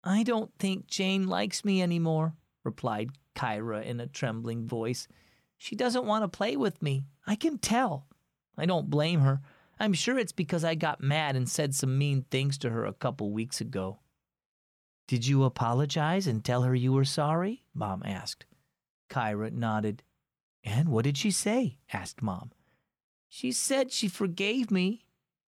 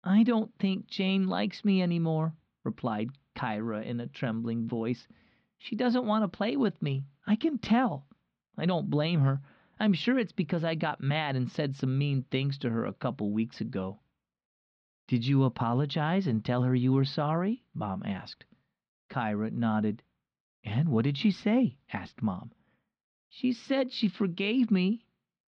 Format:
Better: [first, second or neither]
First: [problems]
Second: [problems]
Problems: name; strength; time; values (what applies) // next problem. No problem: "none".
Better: first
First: none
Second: muffled; very slightly; fading above 4 kHz